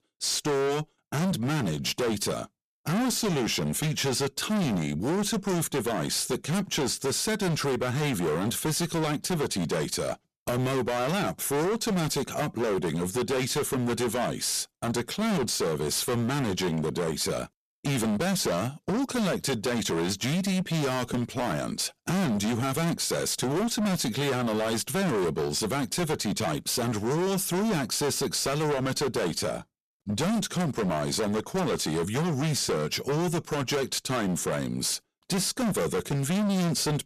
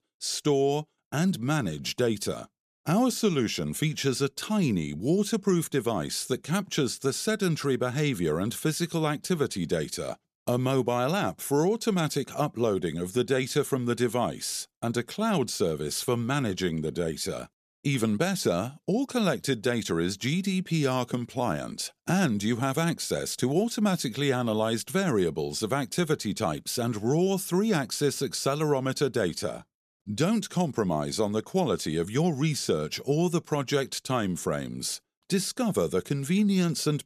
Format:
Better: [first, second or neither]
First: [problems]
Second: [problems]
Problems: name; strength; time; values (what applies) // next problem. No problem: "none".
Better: second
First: distortion; heavy; 29% of the sound clipped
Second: none